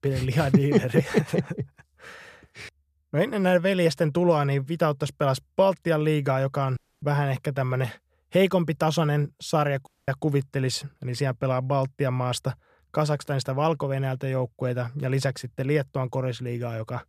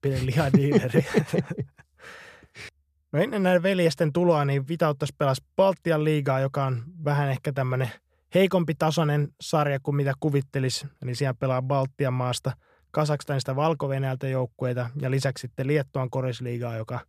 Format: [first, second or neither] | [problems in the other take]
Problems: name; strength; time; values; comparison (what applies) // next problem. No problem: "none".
second | audio cutting out; at 7 s and at 10 s